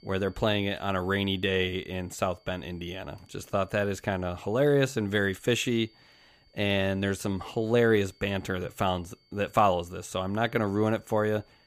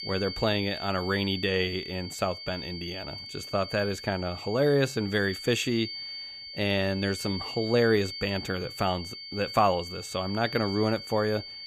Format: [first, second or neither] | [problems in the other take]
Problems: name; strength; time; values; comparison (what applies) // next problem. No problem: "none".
first | high-pitched whine; loud; throughout; 4.5 kHz, 9 dB below the speech; faint in the first